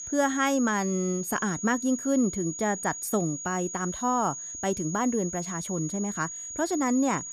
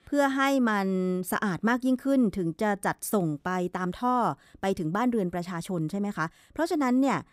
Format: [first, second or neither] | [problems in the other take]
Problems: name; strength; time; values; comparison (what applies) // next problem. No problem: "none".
second | high-pitched whine; loud; throughout; 6.5 kHz, 7 dB below the speech